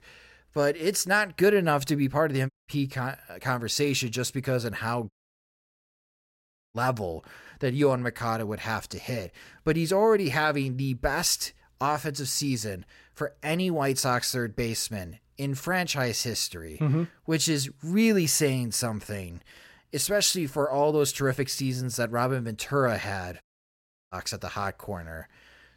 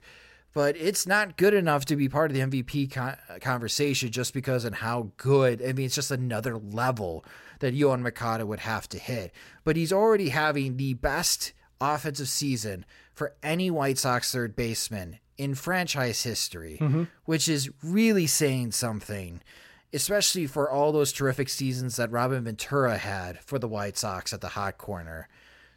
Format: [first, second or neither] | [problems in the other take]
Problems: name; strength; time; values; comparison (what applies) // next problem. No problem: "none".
second | audio cutting out; at 2.5 s, at 5 s for 1.5 s and at 23 s for 0.5 s